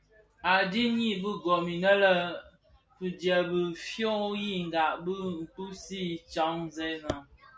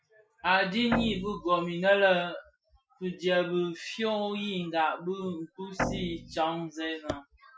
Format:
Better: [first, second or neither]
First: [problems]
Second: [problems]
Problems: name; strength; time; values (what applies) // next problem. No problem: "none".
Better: first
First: none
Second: noise reduction (classical method Wiener filter)